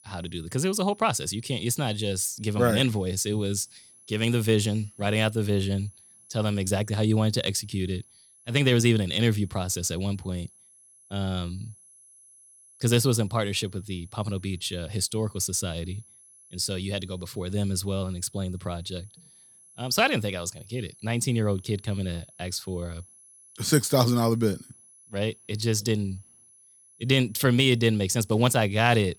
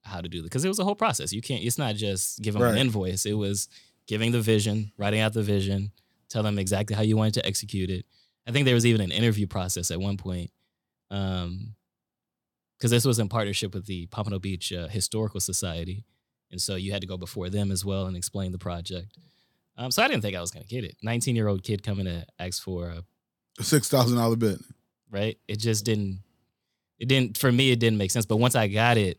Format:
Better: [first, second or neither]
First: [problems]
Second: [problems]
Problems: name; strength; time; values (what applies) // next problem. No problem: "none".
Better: second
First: high-pitched whine; faint; throughout; 10.5 kHz, 25 dB below the speech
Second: none